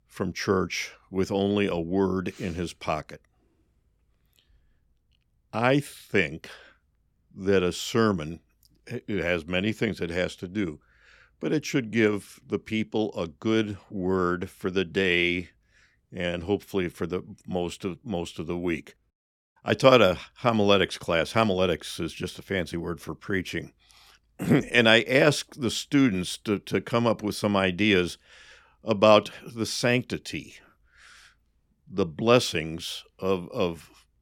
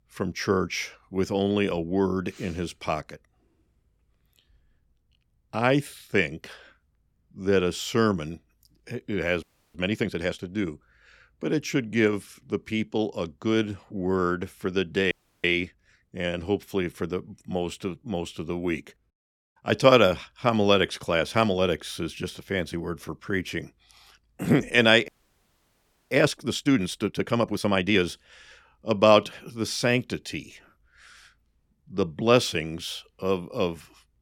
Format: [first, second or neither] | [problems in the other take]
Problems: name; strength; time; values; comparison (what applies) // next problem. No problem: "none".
first | audio freezing; at 9.5 s, at 15 s and at 25 s for 1 s